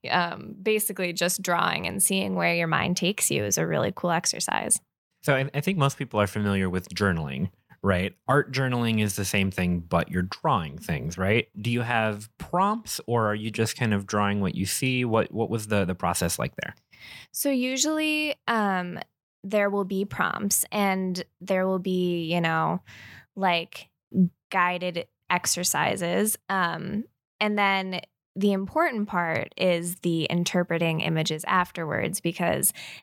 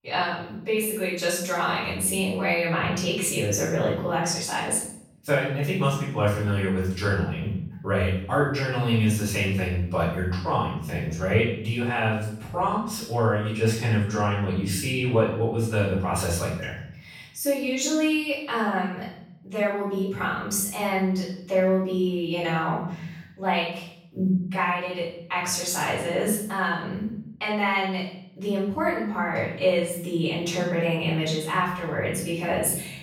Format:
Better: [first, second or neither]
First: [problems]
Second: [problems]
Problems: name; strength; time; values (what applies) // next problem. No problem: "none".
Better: first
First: none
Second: off-mic speech; far // room echo; noticeable; dies away in 0.7 s